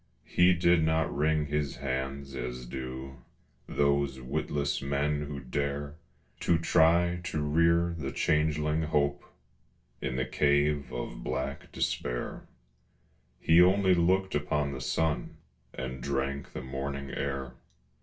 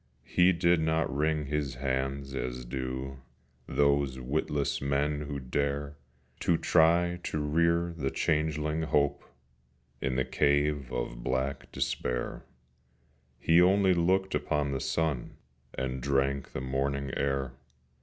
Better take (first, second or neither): second